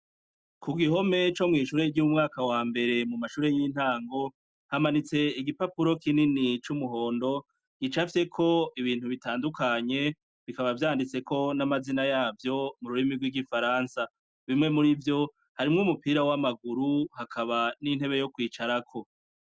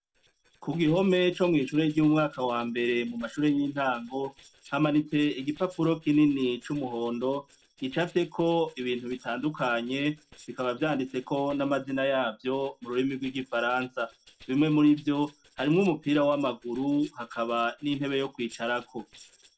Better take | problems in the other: first | noise reduction (neural separator model SepFormer DNS4)

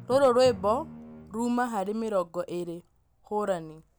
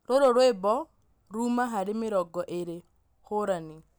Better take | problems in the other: second | background sound (Drum); 20 dB below the speech

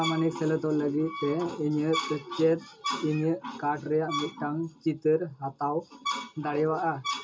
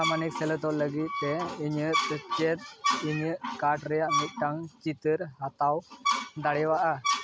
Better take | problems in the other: second | room echo; dies away in 0.2 s

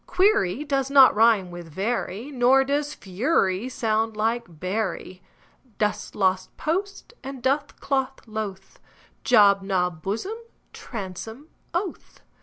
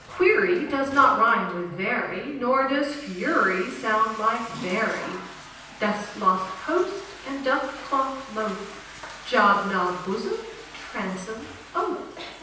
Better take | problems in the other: first | background sound (Toilet flush / Water); 17 dB below the speech // room echo; dies away in 0.9 s

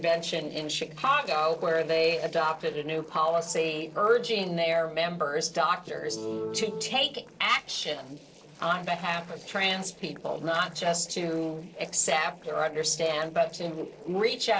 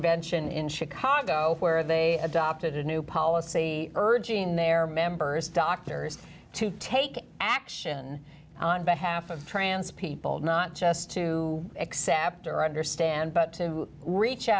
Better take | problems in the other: second | noise reduction (neural separator model SepFormer DNS4)

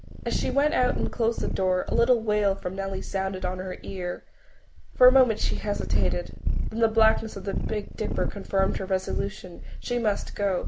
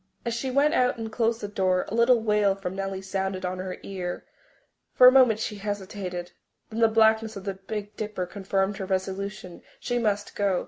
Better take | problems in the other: second | background sound (Purr); 1 dB below the speech

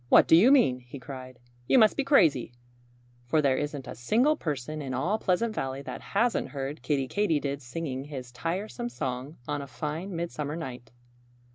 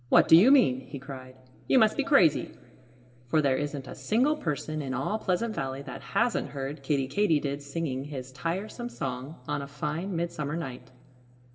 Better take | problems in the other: first | room echo; dies away in 1.3 s

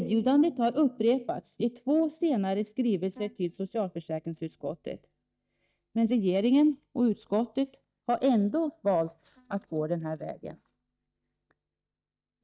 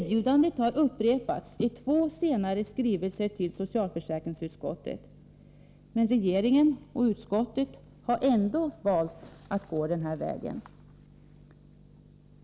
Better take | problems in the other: second | noise reduction (neural mask model DeepFilterNet 3)

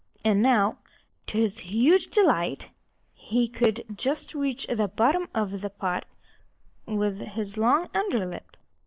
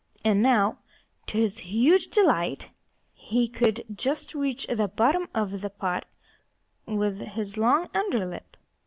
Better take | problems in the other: second | noise reduction (neural mask model Resemble Enhance denoiser)

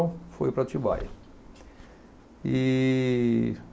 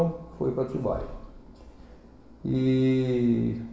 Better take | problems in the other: first | room echo; dies away in 0.9 s

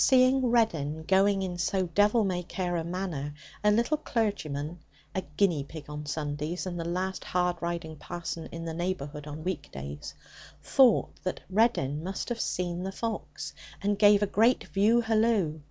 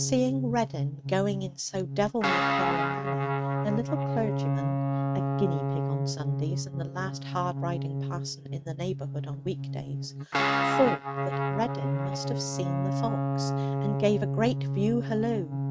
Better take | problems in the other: first | noise reduction (neural mask model RNNoise)

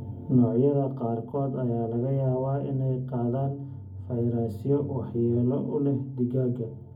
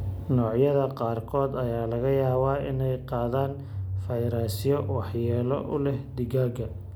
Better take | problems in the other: second | room echo; dies away in 0.3 s

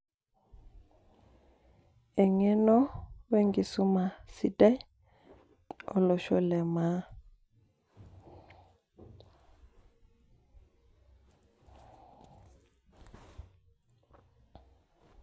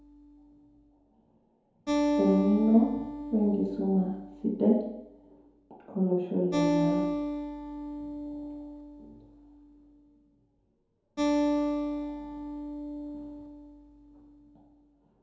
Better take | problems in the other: first | background sound (Acoustic guitar); 2 dB below the speech // room echo; dies away in 0.9 s

